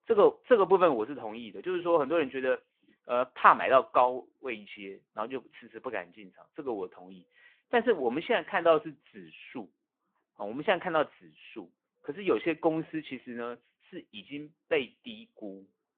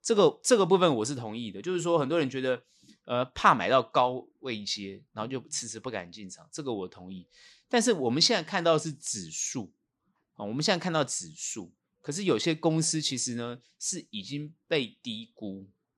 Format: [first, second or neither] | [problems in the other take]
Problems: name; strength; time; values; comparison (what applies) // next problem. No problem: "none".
second | phone-call audio